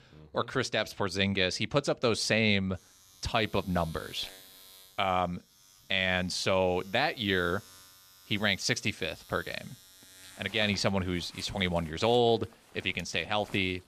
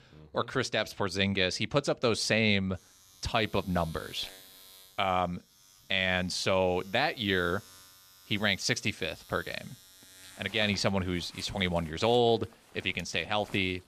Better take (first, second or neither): neither